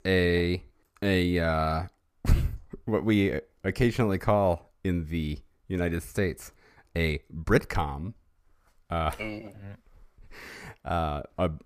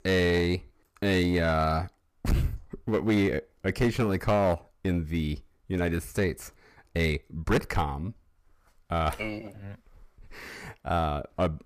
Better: first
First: none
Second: distortion; slight; 5% of the sound clipped

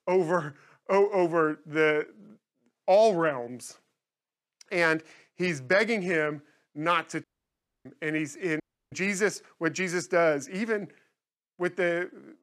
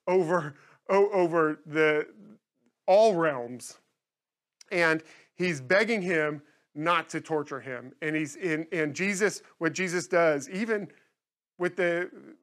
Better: second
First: audio cutting out; at 7 s for 0.5 s and at 8.5 s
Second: none

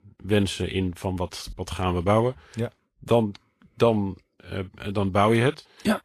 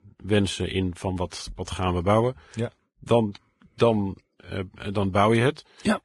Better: first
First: garbled, watery; slightly; nothing above 12.5 kHz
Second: garbled, watery; badly; nothing above 10.5 kHz

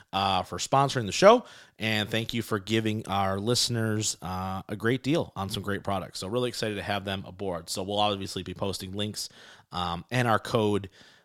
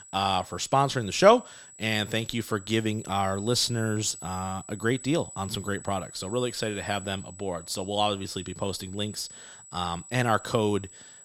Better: first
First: none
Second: high-pitched whine; noticeable; throughout; 8 kHz, 15 dB below the speech

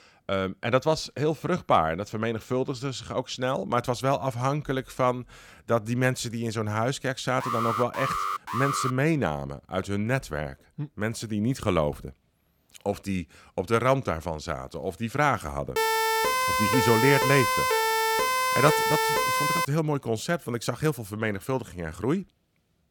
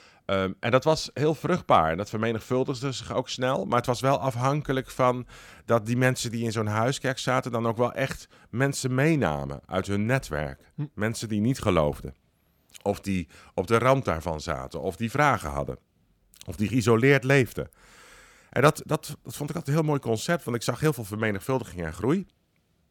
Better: second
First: alarm; noticeable; from 7.5 to 9 s; peak 1 dB below the speech // siren; loud; from 16 to 20 s; peak 4 dB above the speech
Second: none

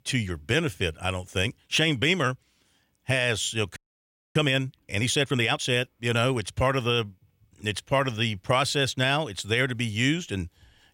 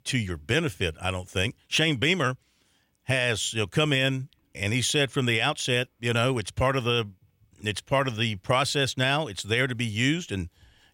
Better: second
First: audio freezing; at 4 s for 0.5 s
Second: none

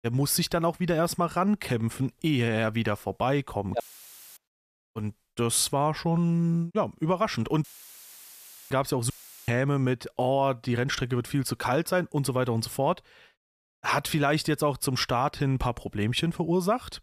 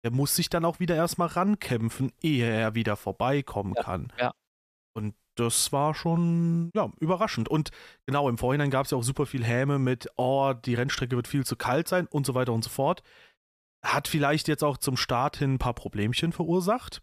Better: second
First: audio cutting out; filled with static; at 4 s for 0.5 s, at 7.5 s for 1 s and at 9 s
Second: none

